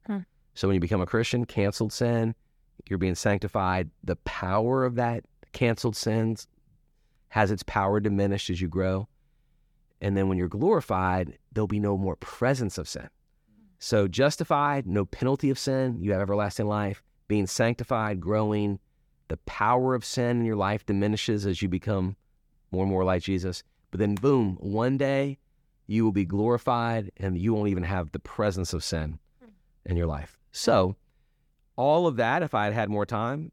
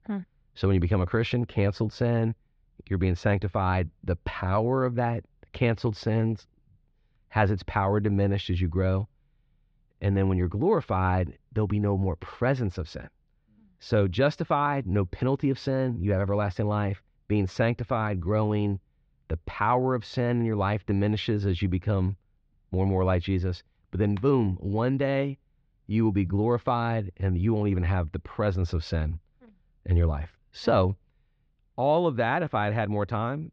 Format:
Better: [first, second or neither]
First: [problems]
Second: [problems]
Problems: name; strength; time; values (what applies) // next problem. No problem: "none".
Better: first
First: none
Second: muffled; slightly; fading above 4 kHz